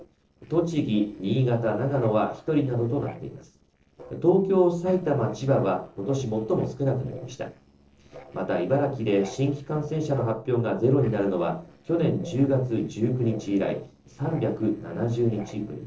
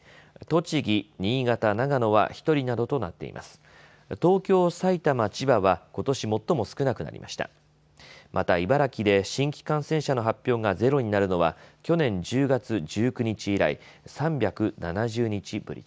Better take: second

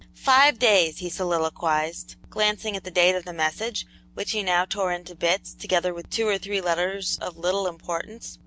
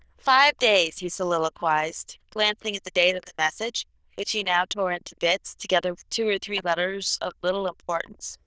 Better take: first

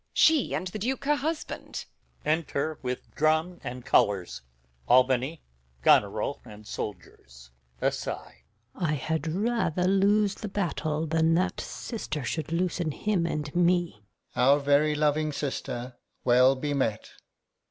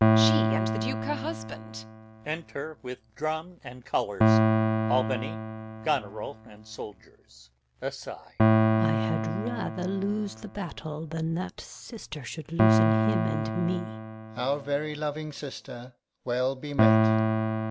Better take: first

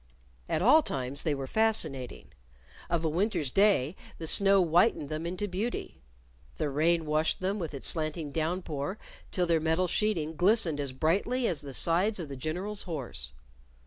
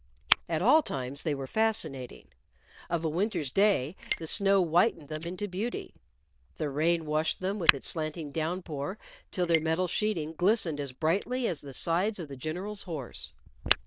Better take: first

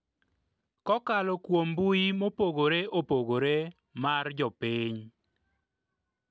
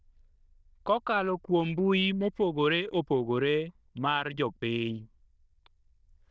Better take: first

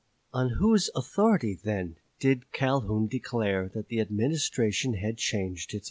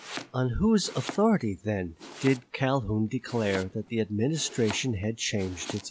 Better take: first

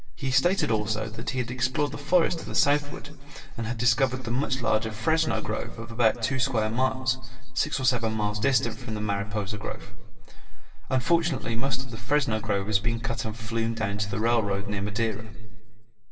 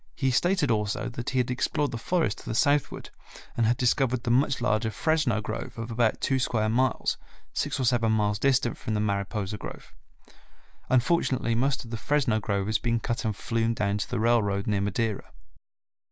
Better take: second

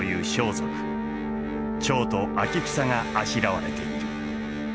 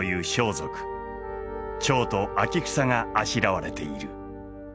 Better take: second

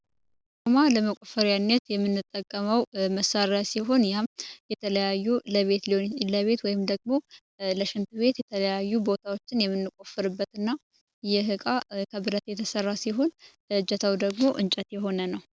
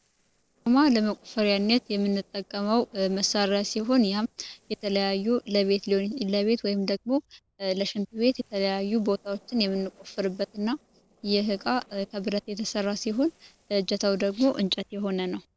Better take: first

